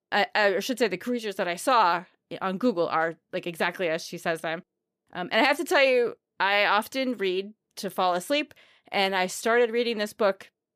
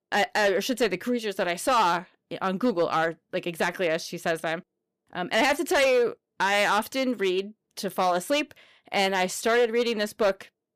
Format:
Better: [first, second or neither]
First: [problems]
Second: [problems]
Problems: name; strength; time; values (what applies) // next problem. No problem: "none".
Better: first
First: none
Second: distortion; slight; 5% of the sound clipped